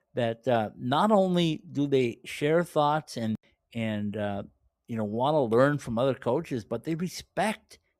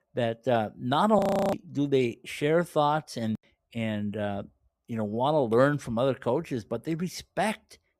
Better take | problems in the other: first | audio freezing; at 1 s

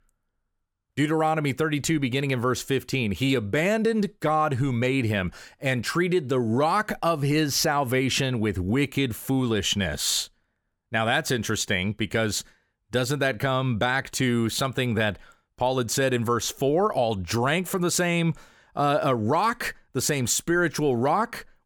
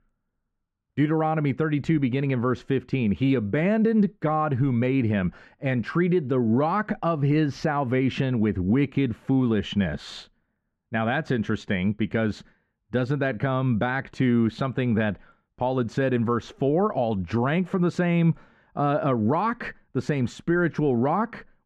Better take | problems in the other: first | muffled; very; fading above 2 kHz

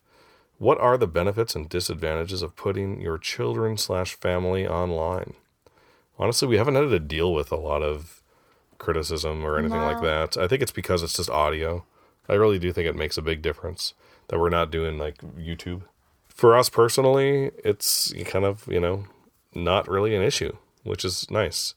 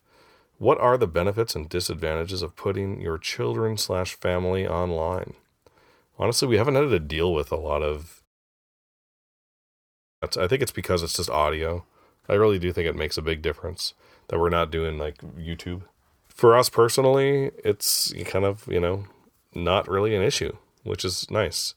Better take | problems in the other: first | audio cutting out; at 8.5 s for 2 s

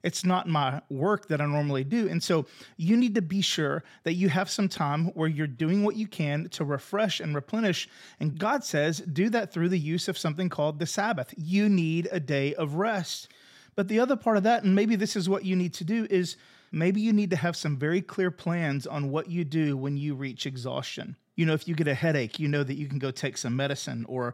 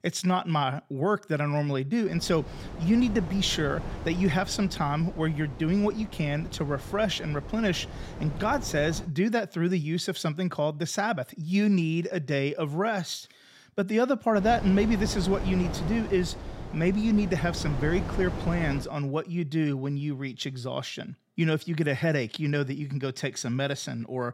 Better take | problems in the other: first | wind noise on the microphone; occasional gusts; from 2 to 9 s and from 14 to 19 s; 10 dB below the speech

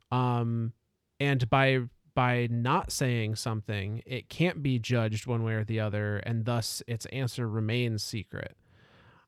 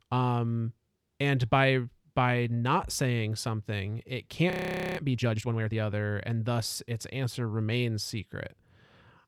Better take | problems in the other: first | audio freezing; at 4.5 s

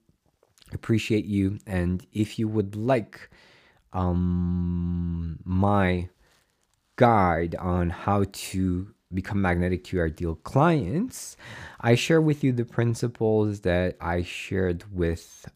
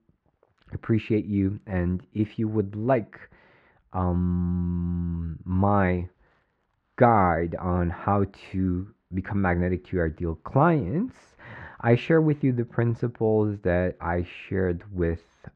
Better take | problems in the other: first | muffled; very; fading above 1.5 kHz

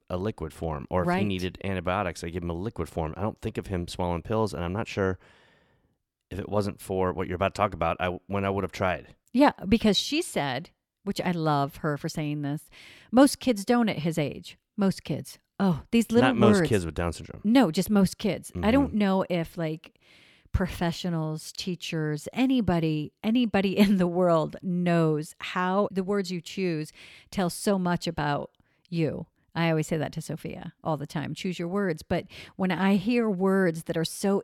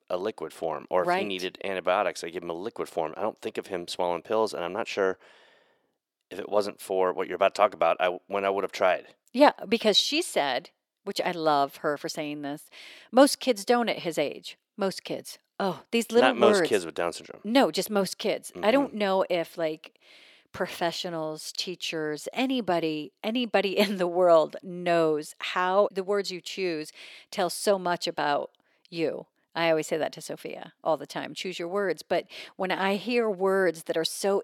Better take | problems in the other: first | thin; somewhat; fading below 400 Hz

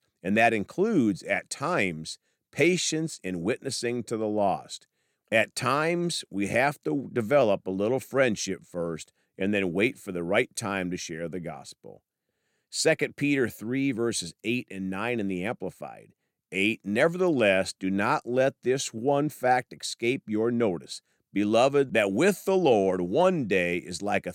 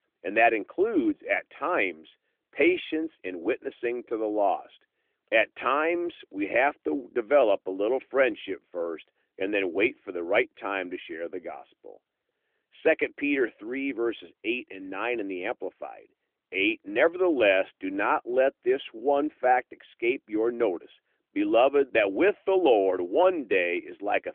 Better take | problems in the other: first | phone-call audio

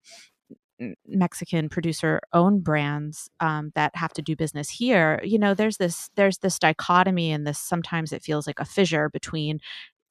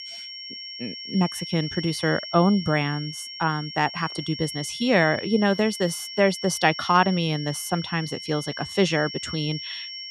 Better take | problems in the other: first | high-pitched whine; loud; throughout; 5.5 kHz, 10 dB below the speech

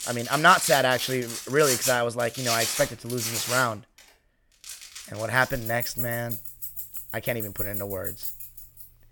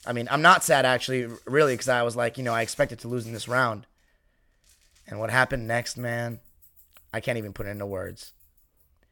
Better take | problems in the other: second | household noises; loud; throughout; 5 dB below the speech; faint in the second

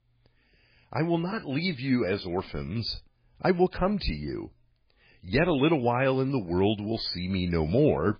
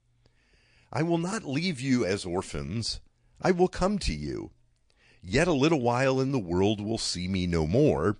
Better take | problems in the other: second | garbled, watery; badly; nothing above 4.5 kHz; slightly in the second

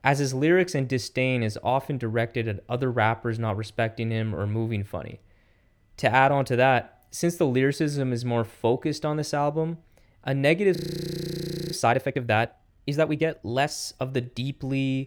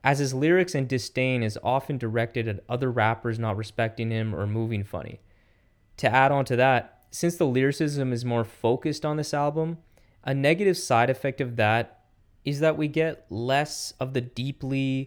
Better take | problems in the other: second | audio freezing; at 11 s for 1 s

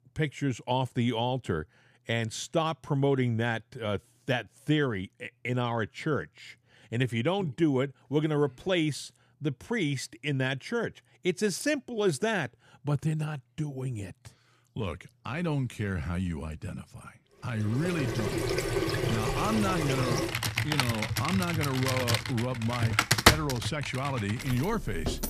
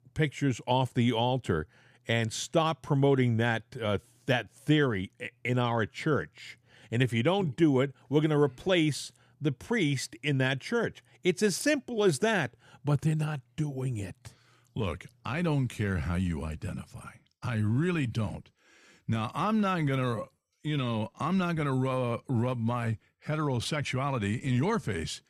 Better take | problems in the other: second | household noises; very loud; from 18 s on; 2 dB above the speech

